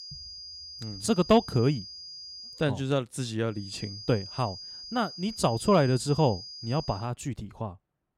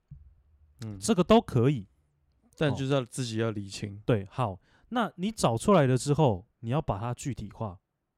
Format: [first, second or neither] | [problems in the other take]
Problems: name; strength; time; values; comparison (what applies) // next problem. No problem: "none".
second | high-pitched whine; noticeable; until 2.5 s and from 3.5 to 7 s; 5 kHz, 10 dB below the speech